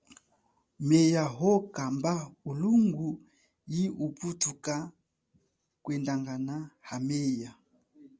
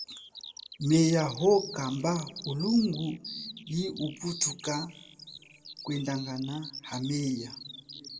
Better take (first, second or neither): first